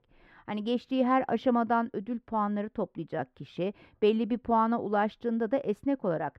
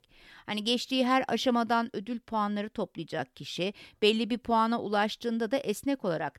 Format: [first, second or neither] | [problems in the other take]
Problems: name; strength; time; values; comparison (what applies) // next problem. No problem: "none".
second | muffled; very; fading above 3 kHz